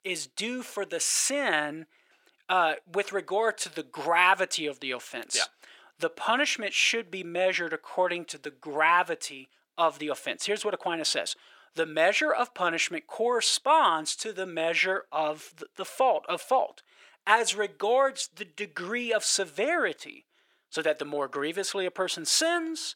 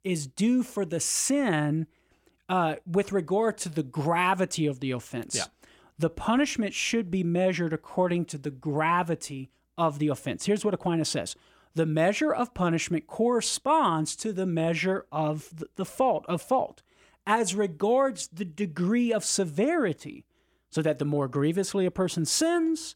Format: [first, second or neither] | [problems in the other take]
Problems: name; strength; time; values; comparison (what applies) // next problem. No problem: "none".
second | thin; very; fading below 550 Hz